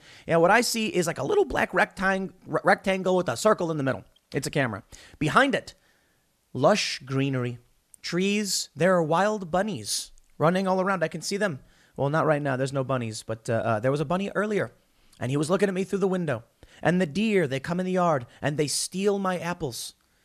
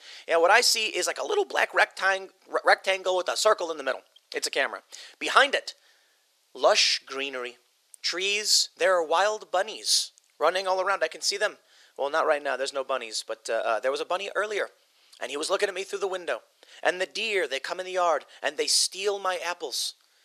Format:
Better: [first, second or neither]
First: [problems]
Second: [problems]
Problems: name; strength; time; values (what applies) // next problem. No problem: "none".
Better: first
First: none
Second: thin; very; fading below 400 Hz